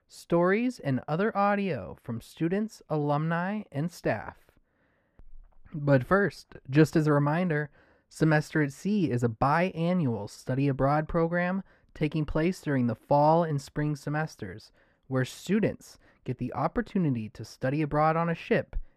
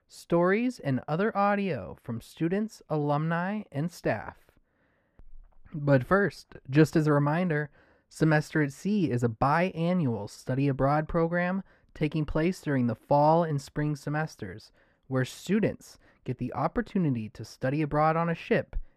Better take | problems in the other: neither | muffled; slightly; fading above 3 kHz; the same in both

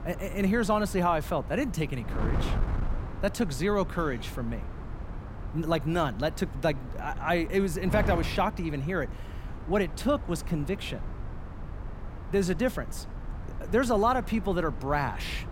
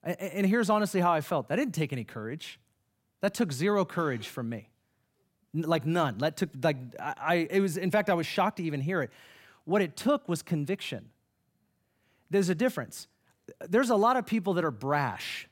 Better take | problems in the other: second | wind noise on the microphone; occasional gusts; 15 dB below the speech

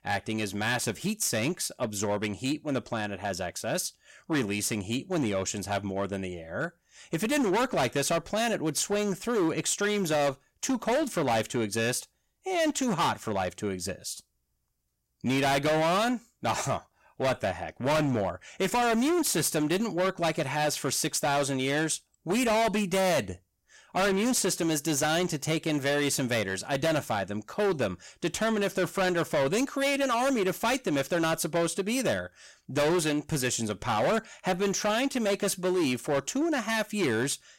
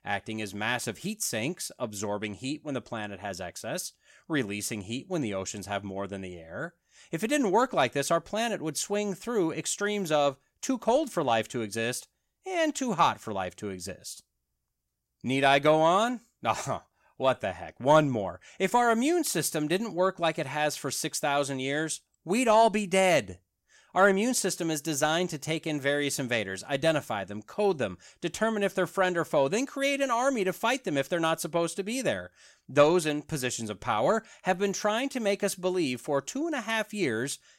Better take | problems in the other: second | distortion; heavy; 16% of the sound clipped

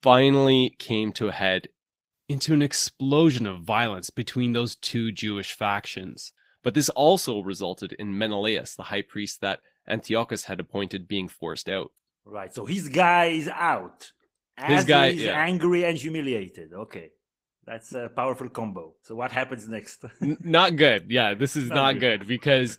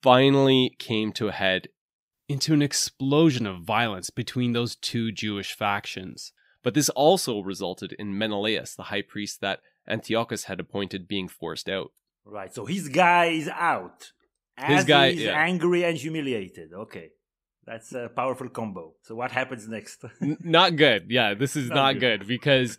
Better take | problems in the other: second | garbled, watery; slightly; nothing above 15.5 kHz

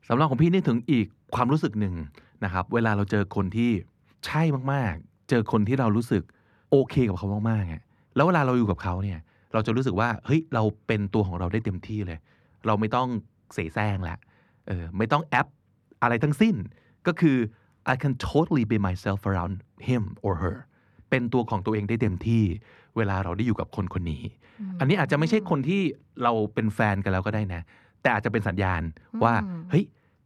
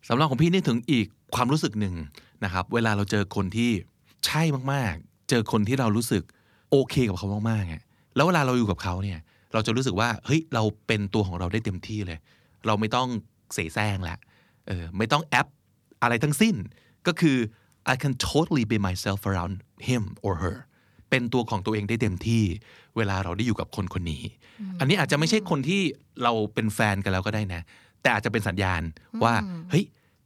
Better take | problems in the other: second | muffled; slightly; fading above 3 kHz

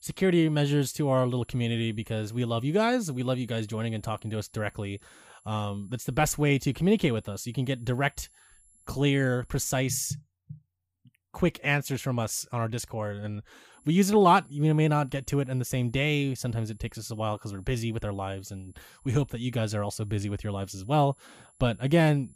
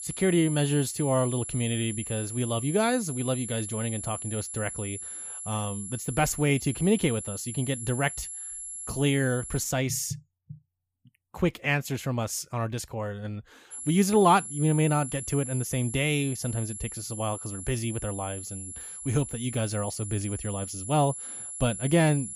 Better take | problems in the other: first | high-pitched whine; loud; until 9.5 s and from 14 s on; 11 kHz, 8 dB below the speech; faint in the first

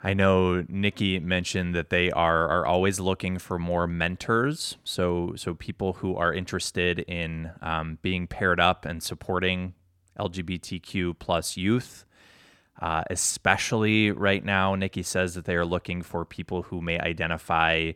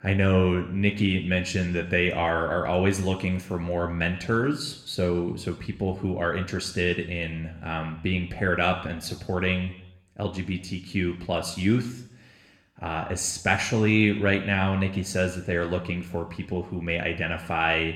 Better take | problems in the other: first | room echo; very slight; dies away in 0.7 s

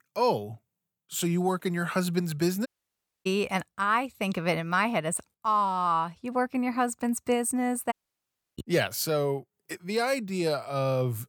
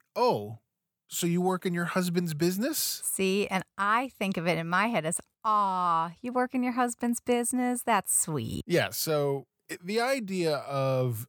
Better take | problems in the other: second | audio cutting out; at 2.5 s for 0.5 s and at 8 s for 0.5 s

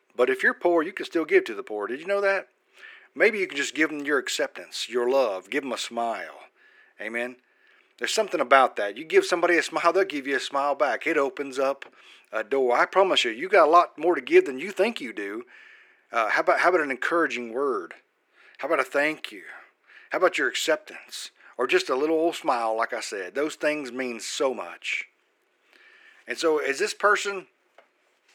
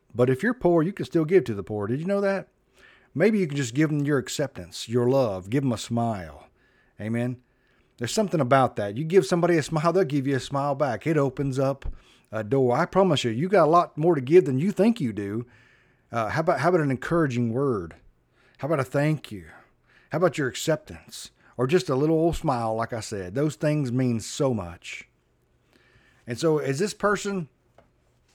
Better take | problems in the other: second | thin; very; fading below 350 Hz

